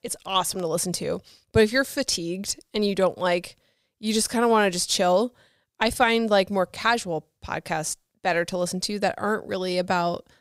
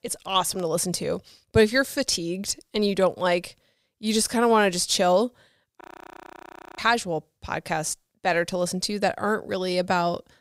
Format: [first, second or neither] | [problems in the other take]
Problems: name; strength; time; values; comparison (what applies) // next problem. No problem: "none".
first | audio freezing; at 6 s for 1 s